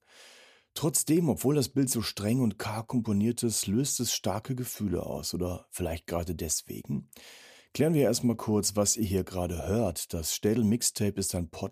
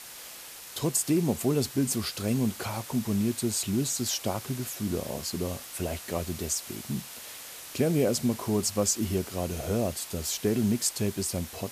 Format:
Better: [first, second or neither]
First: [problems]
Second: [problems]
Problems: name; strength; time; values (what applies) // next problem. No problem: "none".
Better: first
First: none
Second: hiss; noticeable; throughout; 10 dB below the speech